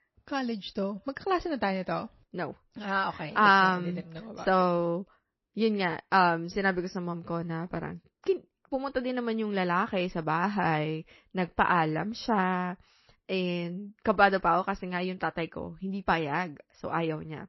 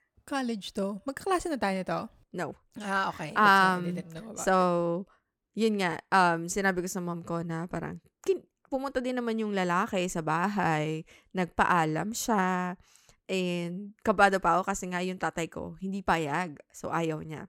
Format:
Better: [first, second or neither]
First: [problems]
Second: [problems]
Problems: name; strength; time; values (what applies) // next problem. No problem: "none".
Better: second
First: garbled, watery; slightly; nothing above 5.5 kHz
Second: none